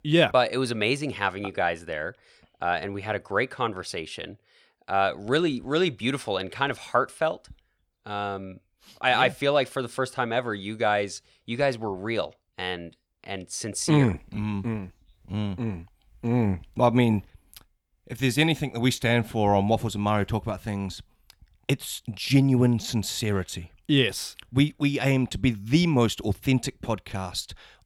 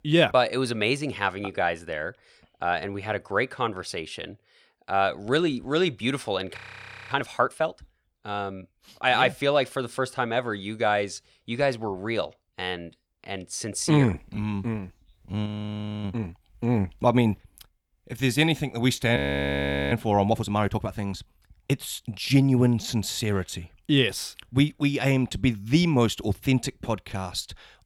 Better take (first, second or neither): first